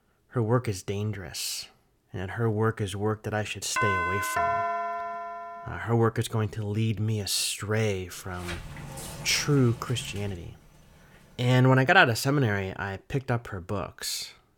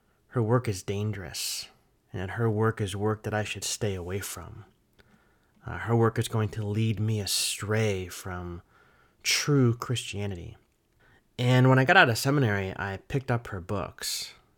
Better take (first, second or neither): second